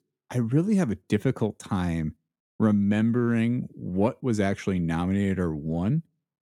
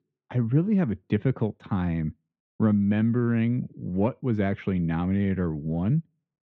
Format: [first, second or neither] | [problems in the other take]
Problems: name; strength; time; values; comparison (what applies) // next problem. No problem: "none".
first | muffled; very; fading above 3 kHz